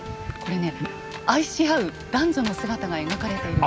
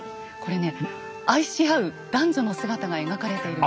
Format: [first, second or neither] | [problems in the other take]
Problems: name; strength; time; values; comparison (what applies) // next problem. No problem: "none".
second | background sound (Wind); 10 dB below the speech